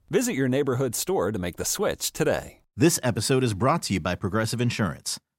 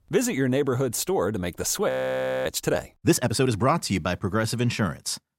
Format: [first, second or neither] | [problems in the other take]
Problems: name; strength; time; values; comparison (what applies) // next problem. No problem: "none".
first | audio freezing; at 2 s for 0.5 s